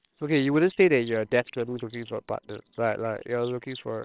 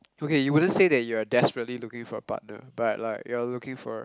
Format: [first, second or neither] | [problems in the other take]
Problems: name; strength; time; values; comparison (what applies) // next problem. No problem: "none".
second | noise reduction (neural separator model SepFormer WHAMR!)